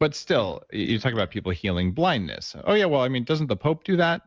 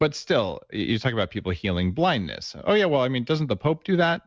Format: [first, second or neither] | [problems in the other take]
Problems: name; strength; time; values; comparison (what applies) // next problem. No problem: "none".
second | noise reduction (neural mask model Resemble Enhance denoiser)